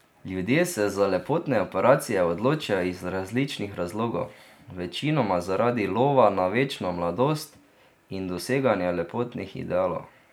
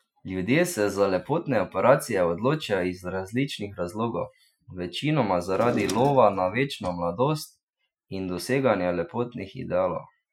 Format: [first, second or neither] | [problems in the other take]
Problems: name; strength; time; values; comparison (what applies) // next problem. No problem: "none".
first | noise reduction (classical method Wiener filter)